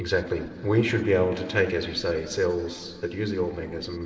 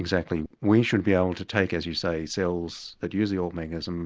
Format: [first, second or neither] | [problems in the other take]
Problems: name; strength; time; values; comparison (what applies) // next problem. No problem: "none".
second | room echo; dies away in 2.3 s